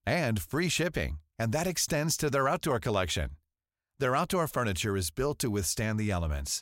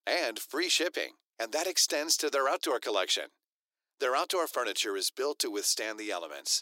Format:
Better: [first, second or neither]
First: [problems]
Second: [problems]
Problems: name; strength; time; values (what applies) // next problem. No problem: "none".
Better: first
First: none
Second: thin; very; fading below 300 Hz